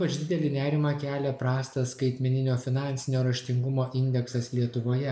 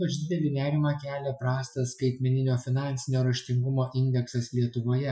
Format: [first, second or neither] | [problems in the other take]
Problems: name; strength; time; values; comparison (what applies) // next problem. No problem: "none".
first | noise reduction (classical method Wiener filter)